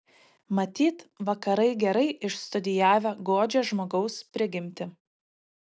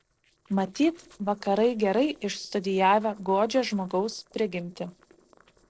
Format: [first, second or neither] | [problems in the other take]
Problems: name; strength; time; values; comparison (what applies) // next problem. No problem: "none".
first | noise reduction (neural separator model SepFormer DNS4)